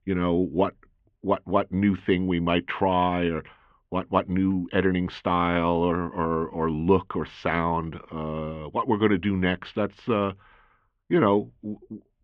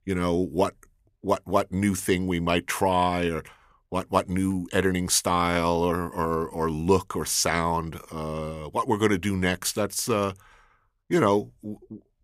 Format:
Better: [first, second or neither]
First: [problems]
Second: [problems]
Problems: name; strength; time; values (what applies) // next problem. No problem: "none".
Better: second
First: muffled; very; fading above 3 kHz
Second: none